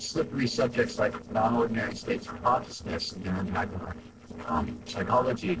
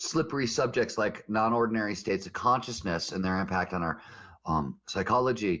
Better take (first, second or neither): second